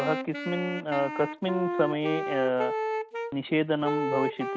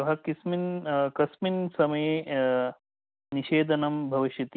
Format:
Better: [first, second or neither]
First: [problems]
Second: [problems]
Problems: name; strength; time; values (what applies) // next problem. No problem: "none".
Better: second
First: background sound (Wind instrument, woodwind instrument); 3 dB below the speech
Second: none